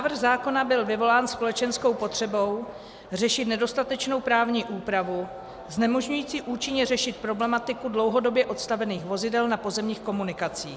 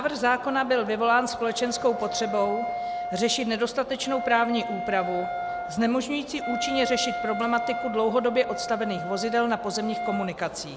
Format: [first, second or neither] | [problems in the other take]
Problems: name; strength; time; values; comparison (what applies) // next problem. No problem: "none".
first | background sound (Wind instrument, woodwind instrument); 7 dB below the speech